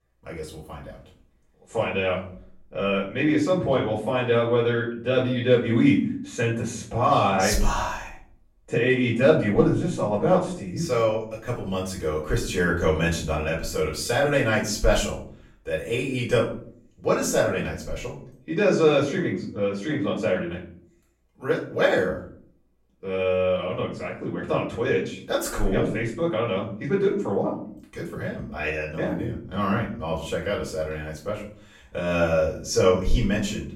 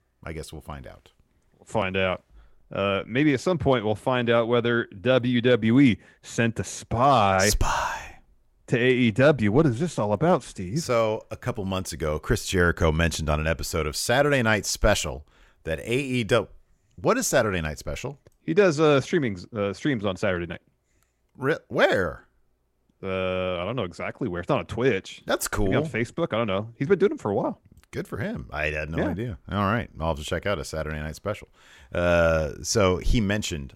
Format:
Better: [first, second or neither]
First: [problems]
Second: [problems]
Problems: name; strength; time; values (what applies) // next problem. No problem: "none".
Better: second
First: off-mic speech; far // room echo; slight; dies away in 0.5 s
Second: none